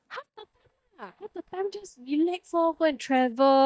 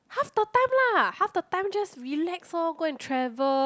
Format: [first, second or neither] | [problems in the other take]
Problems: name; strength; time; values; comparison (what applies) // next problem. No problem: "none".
second | noise reduction (neural mask model DeepFilterNet 3)